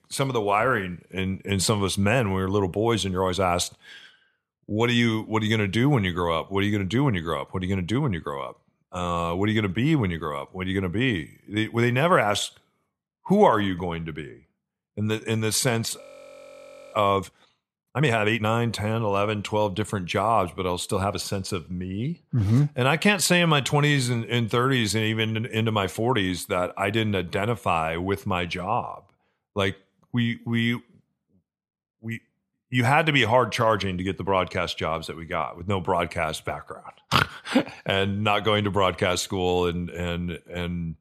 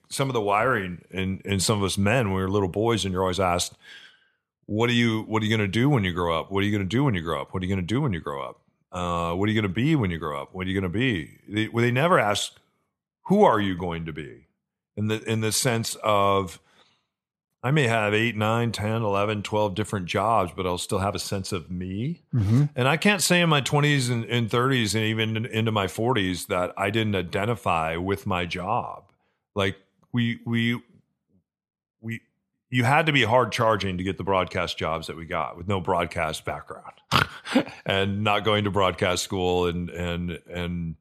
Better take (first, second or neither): second